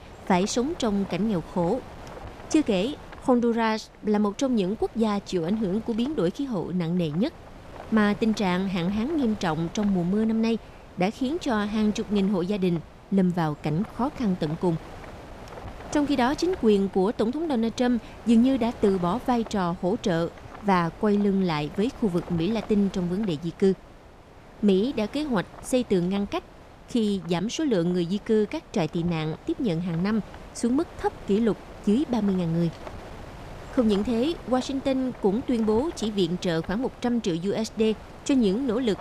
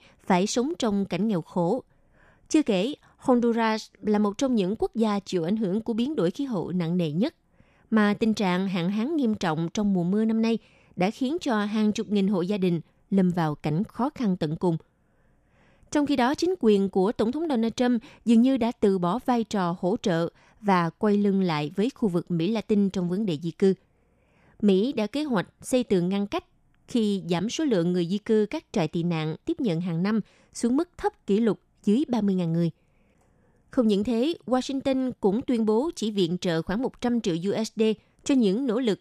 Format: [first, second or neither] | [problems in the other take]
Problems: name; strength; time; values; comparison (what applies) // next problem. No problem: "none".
second | wind noise on the microphone; occasional gusts; 15 dB below the speech